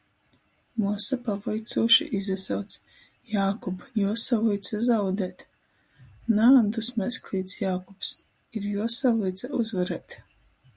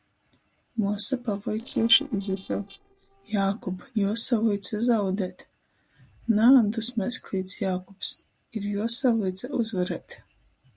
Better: first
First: none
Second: noise reduction (neural separator model SepFormer DNS4)

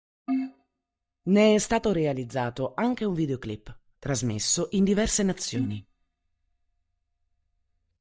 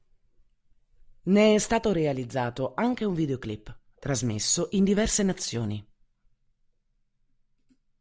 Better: second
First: noise reduction (neural mask model DeepFilterNet 3)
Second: none

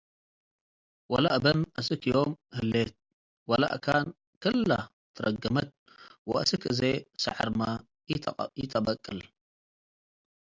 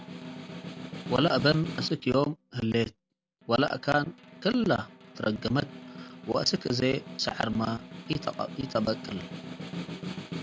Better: first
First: none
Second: background sound (Snare drum); 12 dB below the speech

